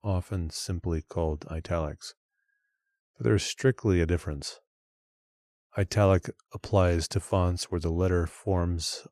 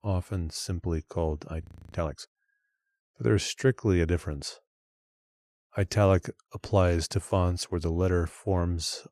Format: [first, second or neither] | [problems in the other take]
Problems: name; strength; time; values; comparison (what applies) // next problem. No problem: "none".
first | audio freezing; at 1.5 s